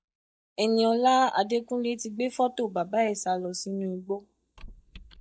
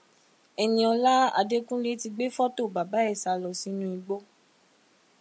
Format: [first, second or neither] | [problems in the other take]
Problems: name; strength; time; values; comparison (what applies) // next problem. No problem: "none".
second | noise reduction (neural mask model DeepFilterNet 3)